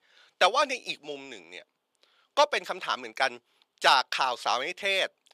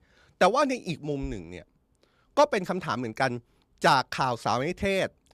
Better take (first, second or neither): second